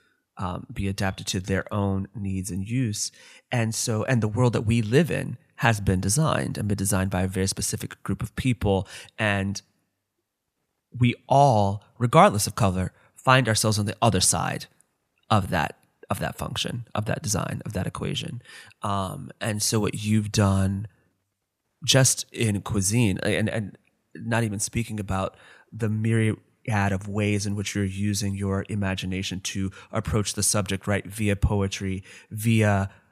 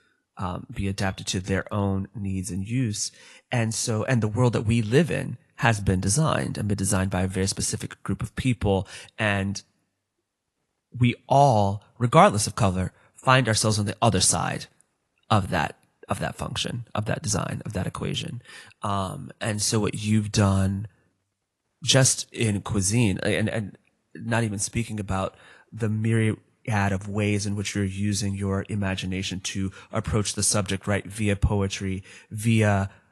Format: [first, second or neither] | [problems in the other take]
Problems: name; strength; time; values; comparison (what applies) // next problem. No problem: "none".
first | garbled, watery; slightly